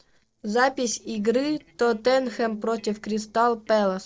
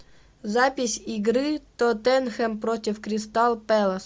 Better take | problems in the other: second | noise reduction (neural separator model SepFormer DNS4)

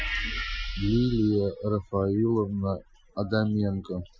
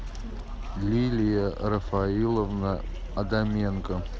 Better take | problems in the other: second | noise reduction (classical method Wiener filter)

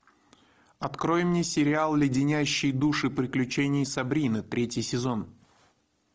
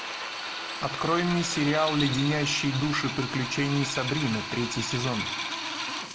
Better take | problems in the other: first | background sound (Drill); 5 dB below the speech // room echo; dies away in 2 s

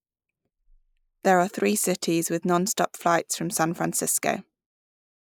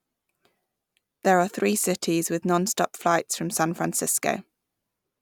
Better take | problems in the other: second | noise reduction (neural mask model Resemble Enhance denoiser)

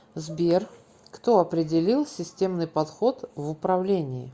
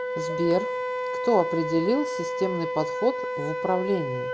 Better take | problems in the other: first | background sound (Wind instrument, woodwind instrument); 2 dB below the speech

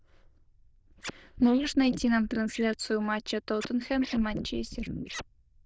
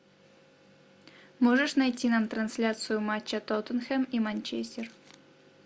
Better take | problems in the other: second | noise reduction (neural diffusion model UNIVERSE++)

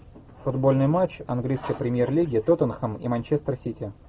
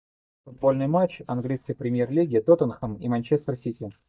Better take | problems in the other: first | noise reduction (neural mask model DeepFilterNet 3)

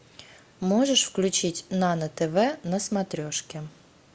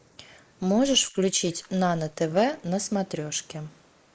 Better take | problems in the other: first | noise reduction (neural mask model Resemble Enhance denoiser)

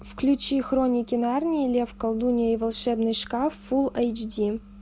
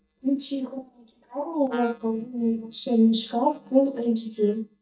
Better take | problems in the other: first | noise reduction (neural mask model DeepFilterNet 3)

